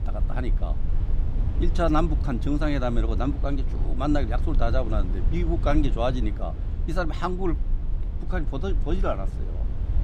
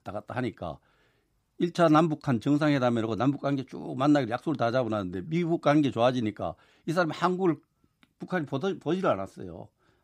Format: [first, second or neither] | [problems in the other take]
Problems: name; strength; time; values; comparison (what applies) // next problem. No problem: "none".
second | low rumble; noticeable; throughout; 15 dB below the speech